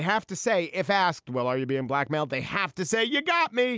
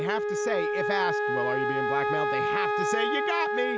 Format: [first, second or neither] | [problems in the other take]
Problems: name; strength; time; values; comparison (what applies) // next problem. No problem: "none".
first | background sound (Wind instrument, woodwind instrument); 5 dB above the speech